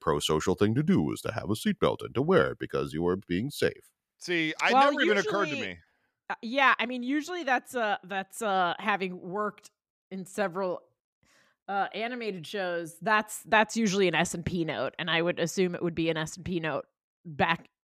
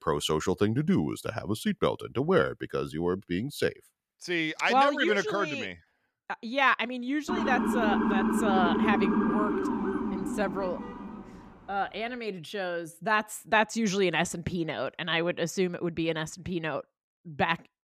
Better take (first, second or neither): first